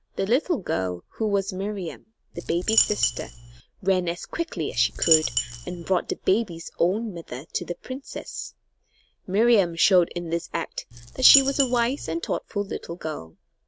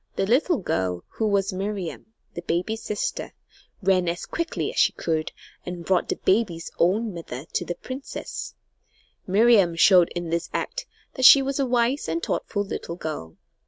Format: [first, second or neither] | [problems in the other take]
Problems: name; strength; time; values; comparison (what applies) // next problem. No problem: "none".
second | background sound (Coin (dropping)); 2 dB below the speech